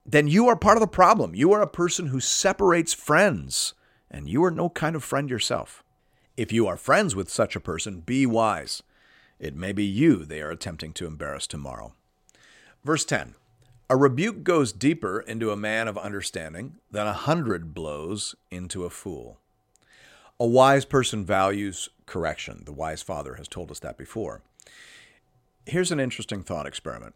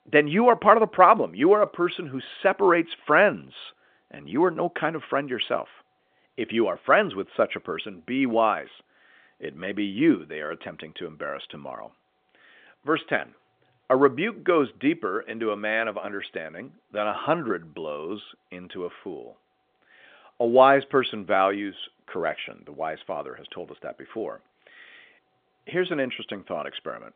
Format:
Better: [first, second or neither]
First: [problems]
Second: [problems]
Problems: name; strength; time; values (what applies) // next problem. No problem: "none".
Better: first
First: none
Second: phone-call audio; nothing above 3.5 kHz